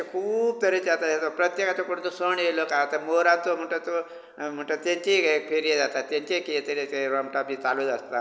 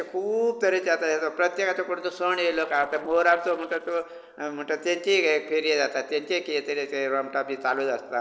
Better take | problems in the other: first | noise reduction (neural separator model SepFormer DNS4)

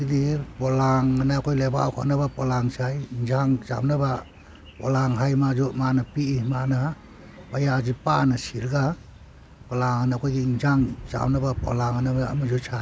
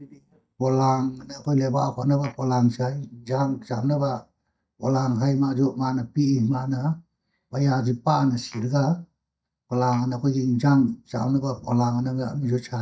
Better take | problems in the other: first | noise reduction (neural mask model DeepFilterNet 3)

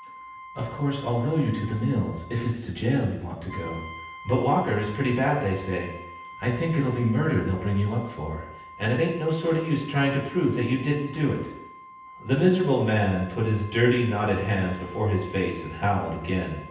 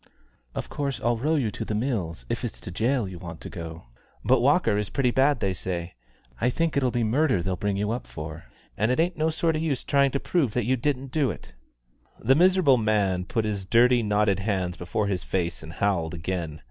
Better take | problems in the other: second | background sound (Brass instrument); 18 dB below the speech // room echo; dies away in 0.9 s

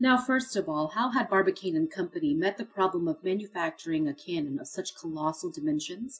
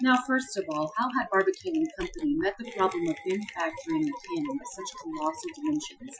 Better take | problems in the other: first | noise reduction (classical method Wiener filter)

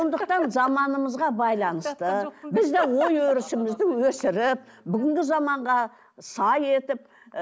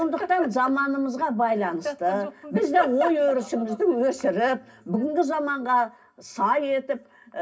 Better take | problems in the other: first | room echo; dies away in 0.4 s

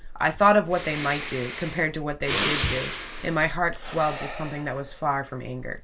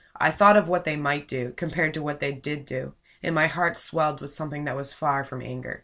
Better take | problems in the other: second | background sound (Breathing); 7 dB below the speech

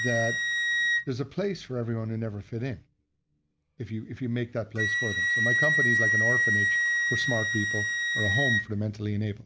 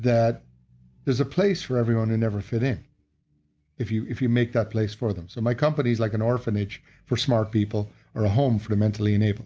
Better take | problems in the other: second | background sound (Wind instrument, woodwind instrument); 4 dB above the speech

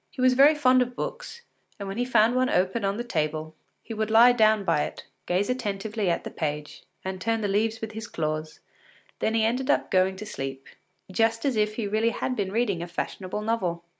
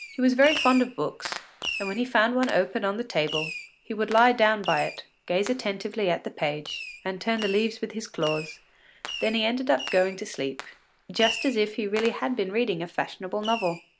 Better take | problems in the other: first | background sound (Fireworks); 12 dB below the speech

